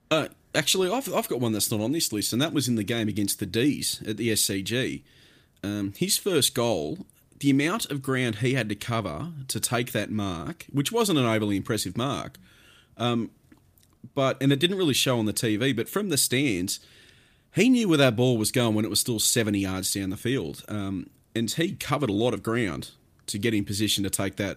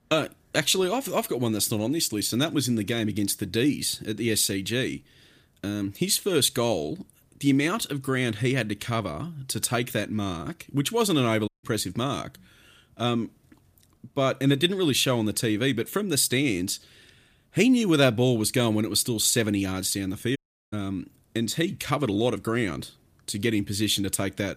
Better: first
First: none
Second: audio cutting out; at 11 s and at 20 s

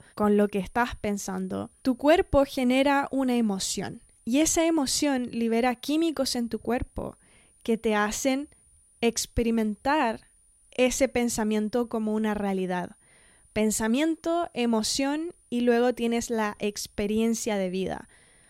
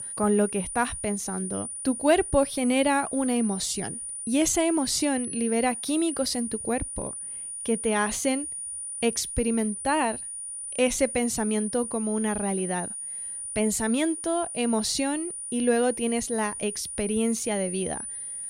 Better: first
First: high-pitched whine; faint; throughout; 9.5 kHz, 30 dB below the speech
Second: high-pitched whine; loud; throughout; 9.5 kHz, 6 dB below the speech

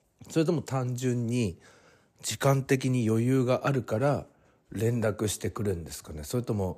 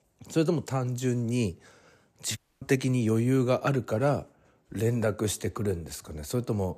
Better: first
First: none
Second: audio cutting out; at 2.5 s

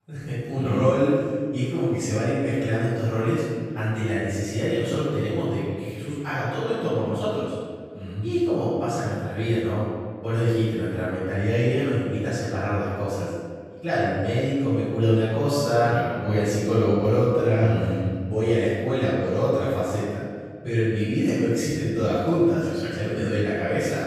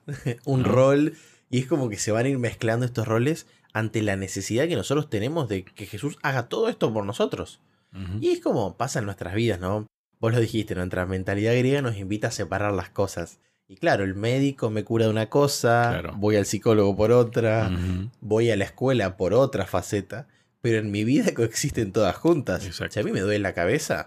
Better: second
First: off-mic speech; far // room echo; strong; dies away in 1.7 s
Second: none

